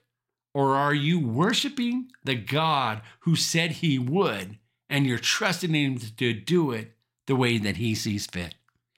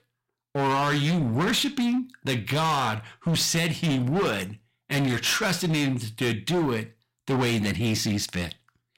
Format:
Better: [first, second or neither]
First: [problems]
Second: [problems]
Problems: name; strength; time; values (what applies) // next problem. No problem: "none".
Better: first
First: none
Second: distortion; heavy; 19% of the sound clipped